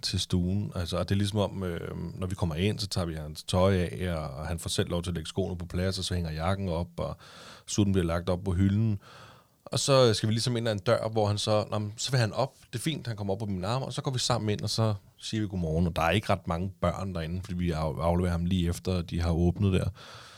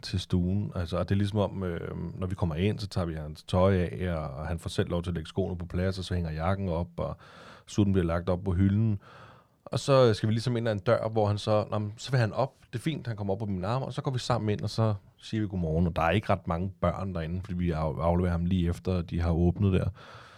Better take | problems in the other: first | muffled; slightly; fading above 3.5 kHz

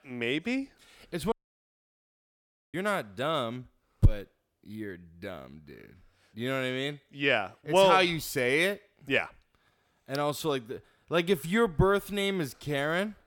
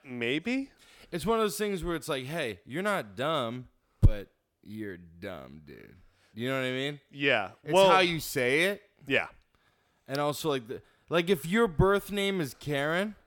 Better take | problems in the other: second | audio cutting out; at 1.5 s for 1.5 s

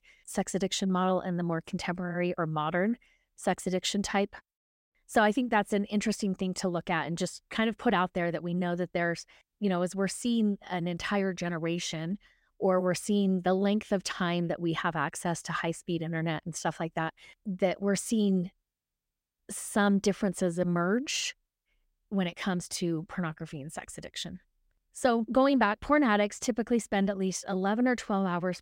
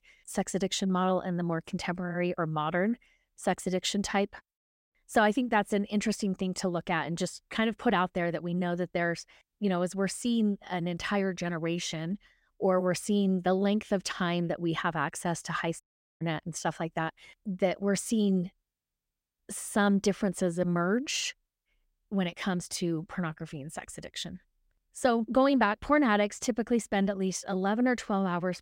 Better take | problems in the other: first | audio cutting out; at 16 s

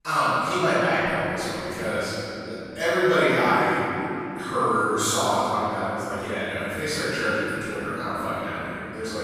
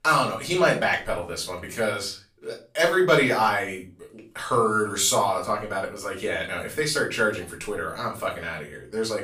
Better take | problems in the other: second | room echo; strong; dies away in 3 s; slight in the second // off-mic speech; far; far in the second

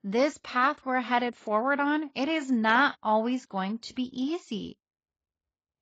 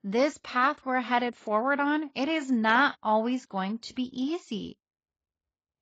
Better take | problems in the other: neither | garbled, watery; badly; nothing above 7.5 kHz; the same in both

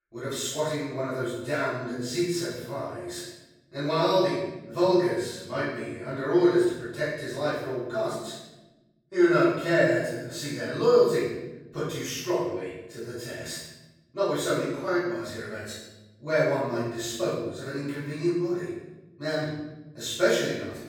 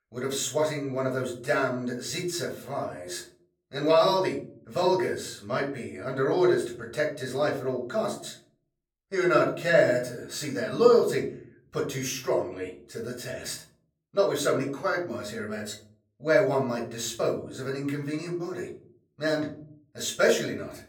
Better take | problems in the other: second | room echo; strong; dies away in 0.9 s; slight in the second // off-mic speech; far; far in the second

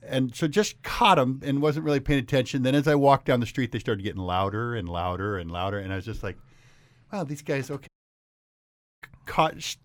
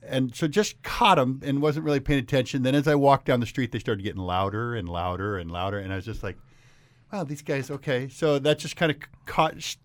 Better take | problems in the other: second | audio cutting out; at 8 s for 1 s

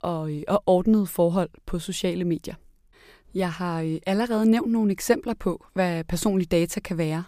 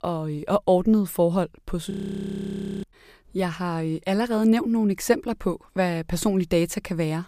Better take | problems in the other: first | audio freezing; at 2 s for 1 s

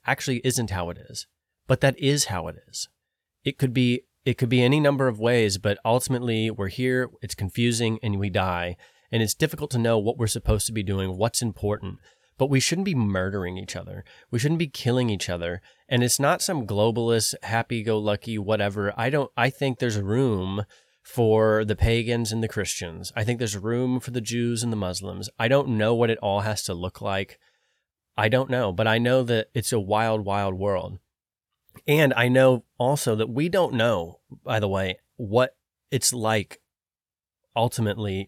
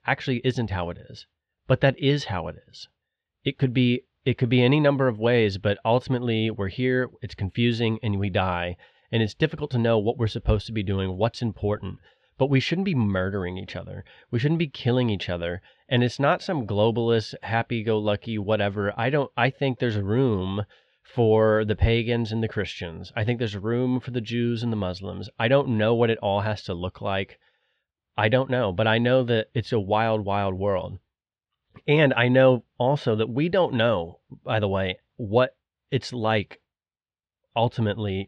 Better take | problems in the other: first | muffled; slightly; fading above 3.5 kHz

